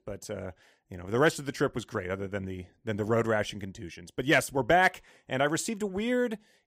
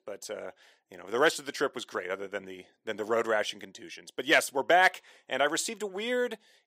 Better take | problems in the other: first | thin; somewhat; fading below 400 Hz

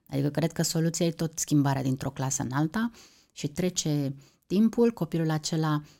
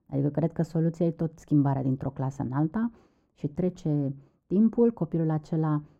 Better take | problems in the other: first | muffled; very; fading above 2 kHz

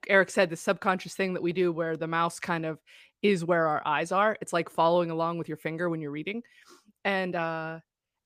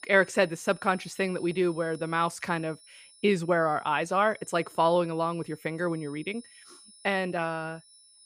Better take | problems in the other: first | high-pitched whine; faint; throughout; 10 kHz, 25 dB below the speech

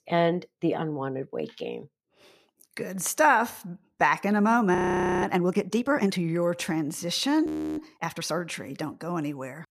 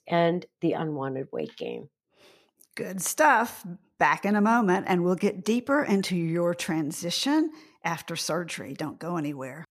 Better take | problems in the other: second | audio freezing; at 5 s and at 7.5 s

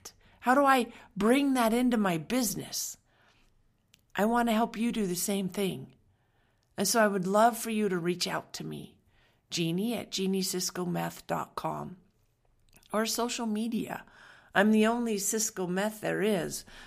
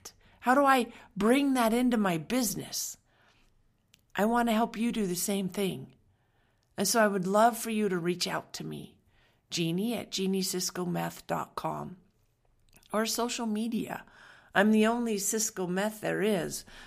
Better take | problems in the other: neither | none

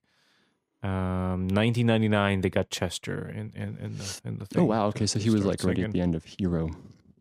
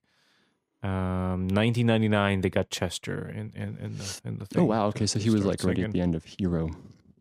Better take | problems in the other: neither | none

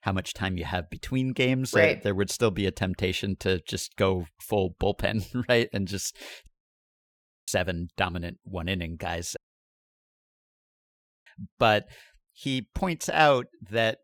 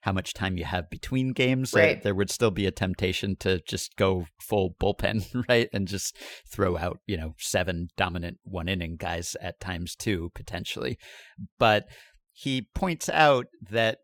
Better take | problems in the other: second | audio cutting out; at 6.5 s for 1 s and at 9.5 s for 2 s

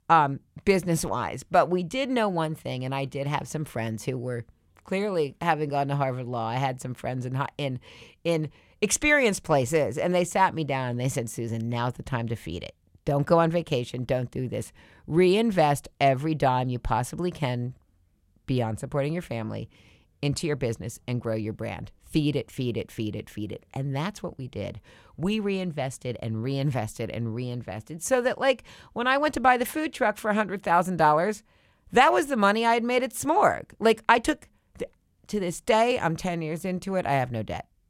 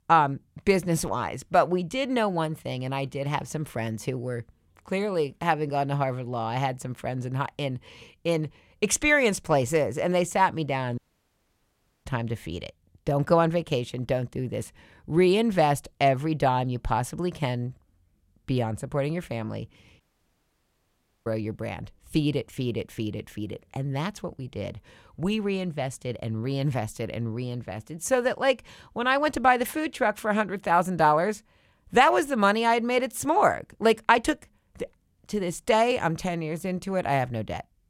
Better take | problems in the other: first | audio cutting out; at 11 s for 1 s and at 20 s for 1.5 s

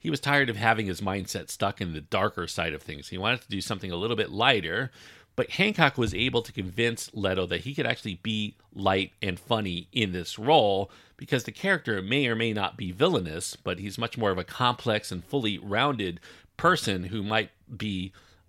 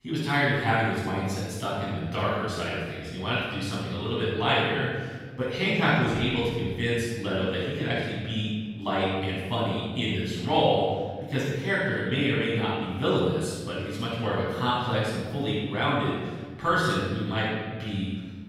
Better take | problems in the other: first | off-mic speech; far // room echo; strong; dies away in 1.7 s

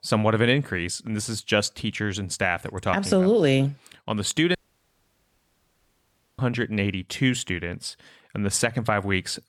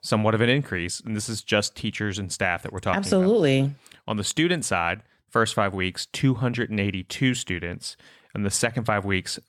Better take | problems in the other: second | audio cutting out; at 4.5 s for 2 s

